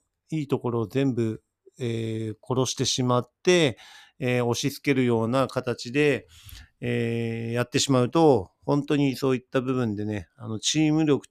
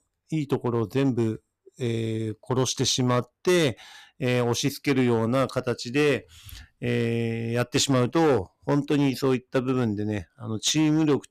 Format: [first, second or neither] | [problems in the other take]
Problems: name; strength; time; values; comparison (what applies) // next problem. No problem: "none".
first | distortion; slight; 5% of the sound clipped